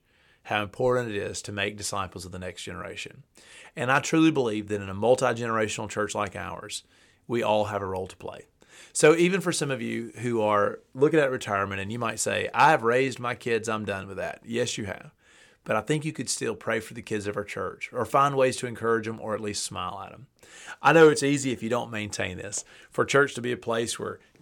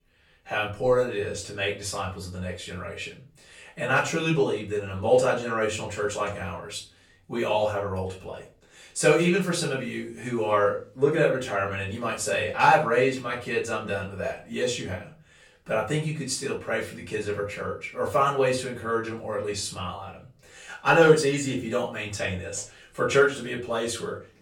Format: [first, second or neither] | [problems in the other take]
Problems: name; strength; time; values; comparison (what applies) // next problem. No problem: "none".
first | off-mic speech; far // room echo; slight; dies away in 0.3 s